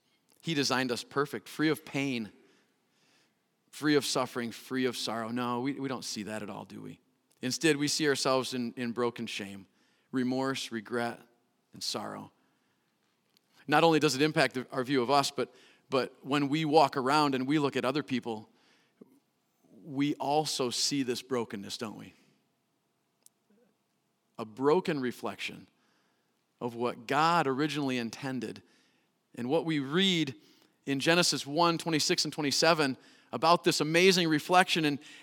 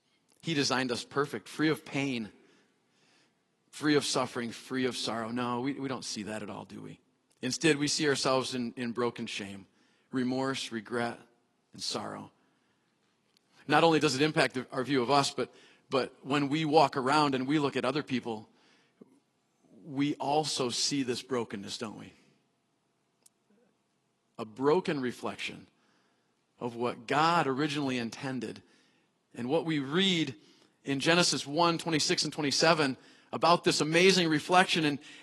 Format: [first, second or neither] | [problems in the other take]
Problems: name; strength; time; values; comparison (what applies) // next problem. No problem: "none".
first | garbled, watery; slightly; nothing above 11 kHz